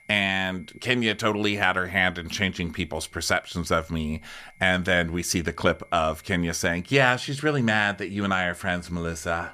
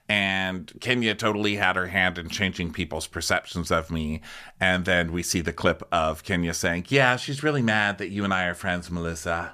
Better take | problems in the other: second | high-pitched whine; faint; throughout; 2 kHz, 30 dB below the speech

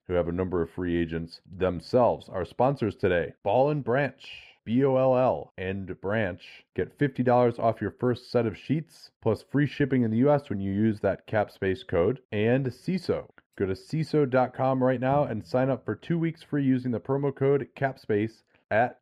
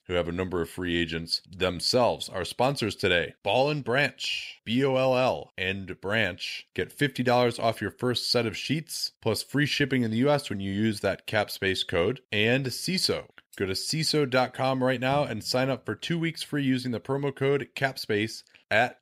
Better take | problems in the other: second | muffled; very; fading above 2.5 kHz

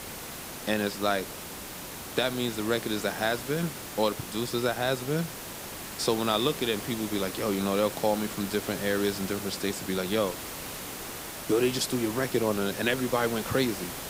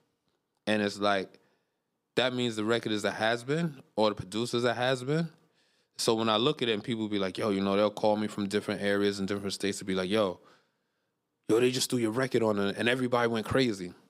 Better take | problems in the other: second | hiss; loud; throughout; 8 dB below the speech

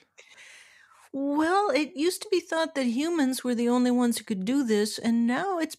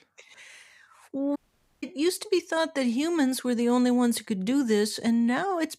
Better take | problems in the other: first | audio cutting out; at 1.5 s

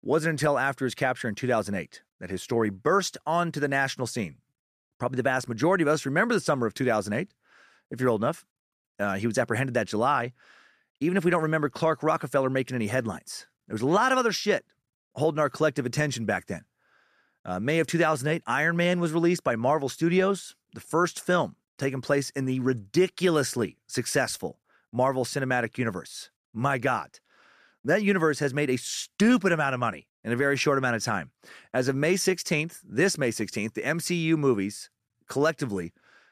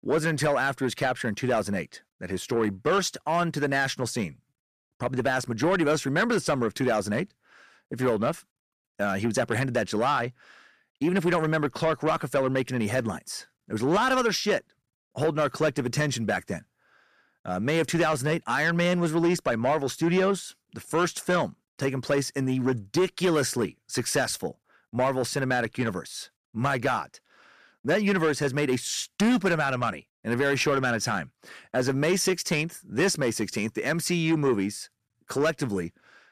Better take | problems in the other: first | distortion; slight; 10 dB below the speech

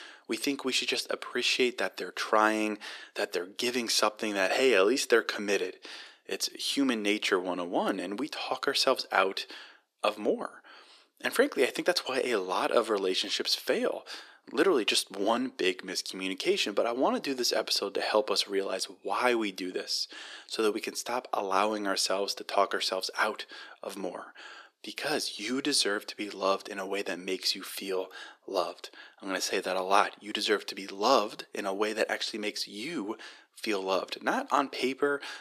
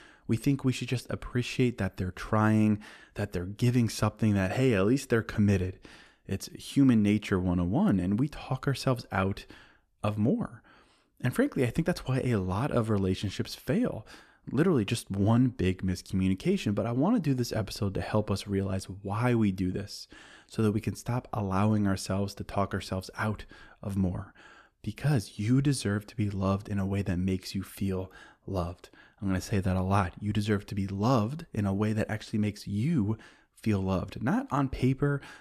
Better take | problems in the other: second | thin; very; fading below 350 Hz

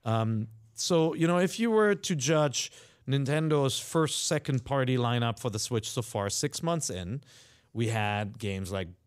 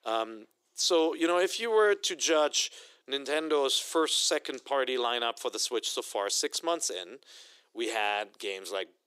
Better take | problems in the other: first | thin; very; fading below 350 Hz

